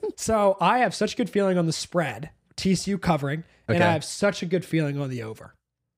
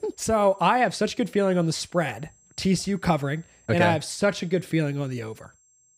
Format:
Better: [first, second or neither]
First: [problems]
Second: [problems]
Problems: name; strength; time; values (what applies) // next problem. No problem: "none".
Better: first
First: none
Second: high-pitched whine; faint; throughout; 7.5 kHz, 35 dB below the speech